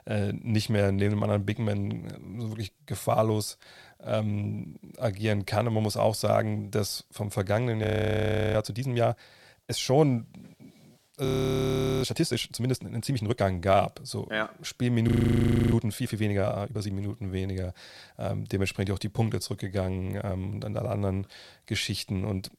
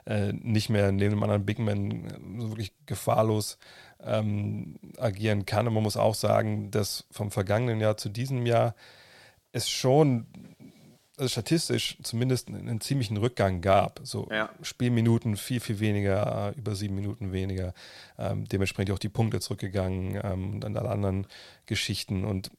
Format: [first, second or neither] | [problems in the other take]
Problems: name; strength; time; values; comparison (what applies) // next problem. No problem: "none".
second | audio freezing; at 8 s for 0.5 s, at 11 s for 1 s and at 15 s for 0.5 s